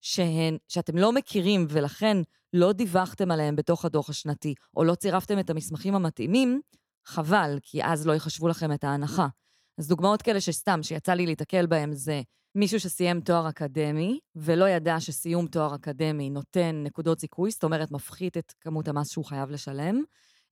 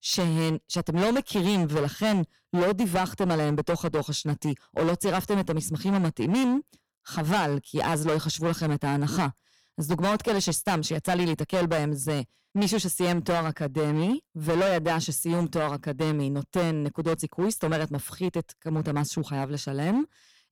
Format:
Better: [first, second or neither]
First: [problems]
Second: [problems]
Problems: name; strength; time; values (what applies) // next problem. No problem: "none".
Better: first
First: none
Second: distortion; heavy; 15% of the sound clipped